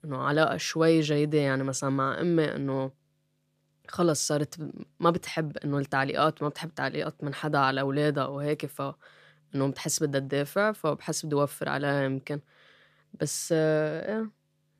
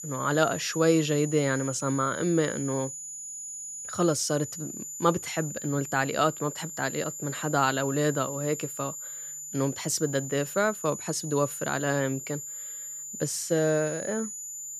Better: first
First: none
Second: high-pitched whine; loud; throughout; 7 kHz, 8 dB below the speech

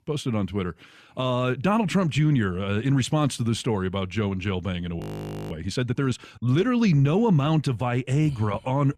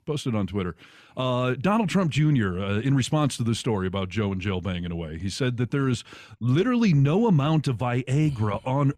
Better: second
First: audio freezing; at 5 s for 0.5 s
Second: none

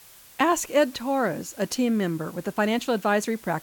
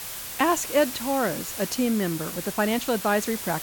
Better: first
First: hiss; faint; throughout; 20 dB below the speech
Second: hiss; loud; throughout; 7 dB below the speech

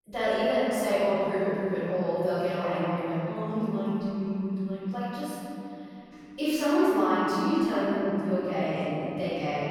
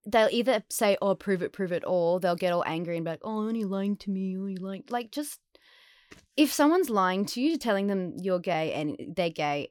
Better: second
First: off-mic speech; far // room echo; strong; dies away in 3 s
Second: none

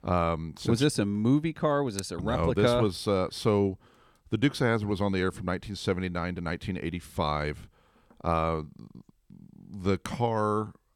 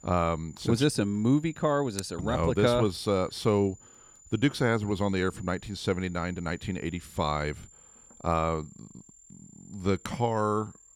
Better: first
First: none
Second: high-pitched whine; faint; throughout; 7 kHz, 25 dB below the speech

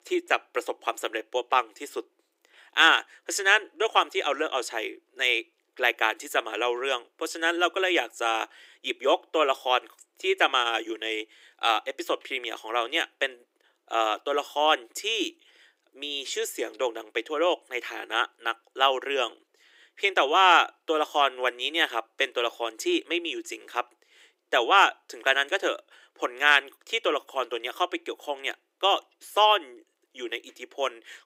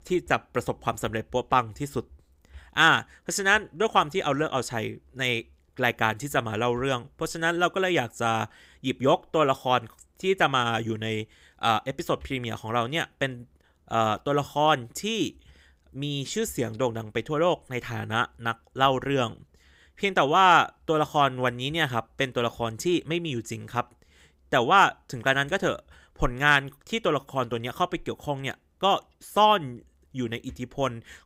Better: second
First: thin; very; fading below 300 Hz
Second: none

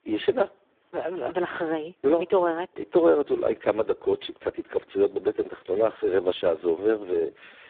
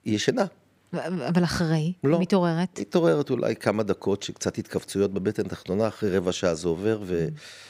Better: second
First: phone-call audio; poor line; nothing above 3.5 kHz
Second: none

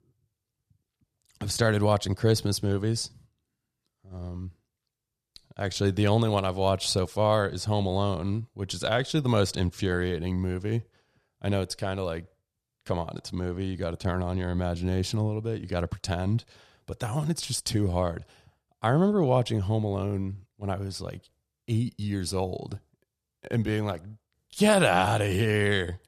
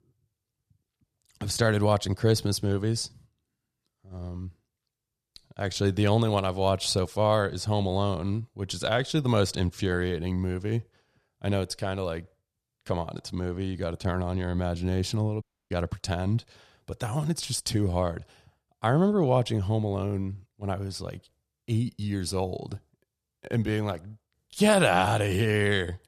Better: first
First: none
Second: audio cutting out; at 15 s

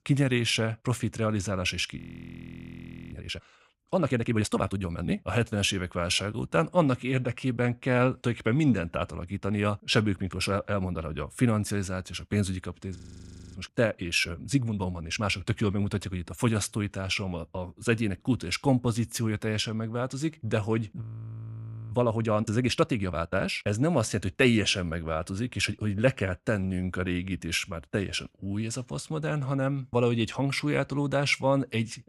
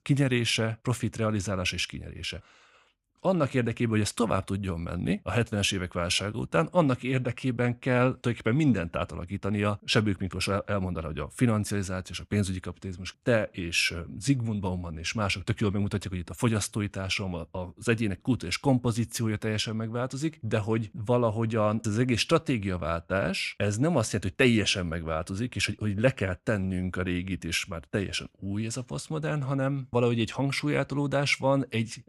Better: second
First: audio freezing; at 2 s for 1 s, at 13 s for 0.5 s and at 21 s for 1 s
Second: none

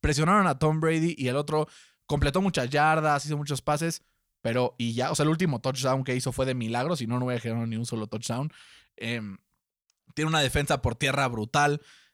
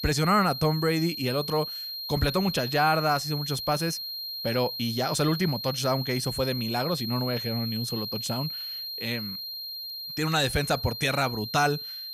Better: first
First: none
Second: high-pitched whine; loud; throughout; 4 kHz, 5 dB below the speech

